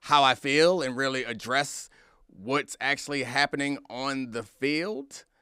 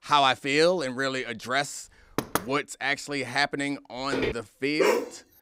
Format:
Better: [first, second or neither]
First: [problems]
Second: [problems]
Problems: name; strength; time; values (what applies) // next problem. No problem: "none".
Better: first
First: none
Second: door banging; noticeable; at 2 s; peak 3 dB below the speech // footsteps; noticeable; at 4 s; peak 3 dB below the speech // dog barking; loud; at 5 s; peak 2 dB above the speech